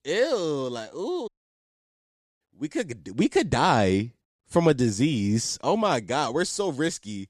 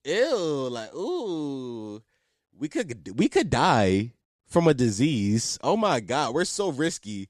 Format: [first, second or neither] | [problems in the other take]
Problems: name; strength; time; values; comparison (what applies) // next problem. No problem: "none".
second | audio cutting out; at 1.5 s for 1 s